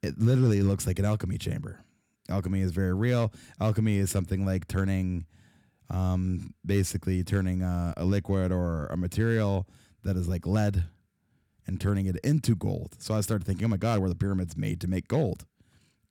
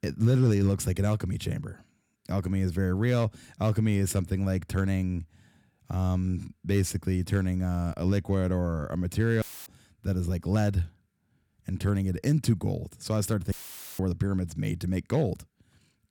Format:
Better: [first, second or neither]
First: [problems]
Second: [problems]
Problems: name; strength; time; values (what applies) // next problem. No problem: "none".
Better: first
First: none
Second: audio cutting out; filled with static; at 9.5 s and at 14 s